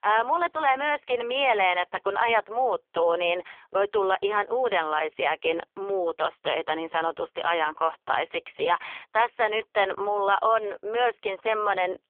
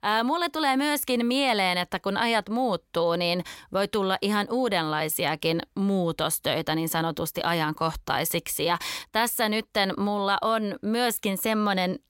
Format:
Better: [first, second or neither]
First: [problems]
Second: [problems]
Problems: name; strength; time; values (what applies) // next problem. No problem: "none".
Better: second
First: phone-call audio; poor line; nothing above 3.5 kHz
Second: none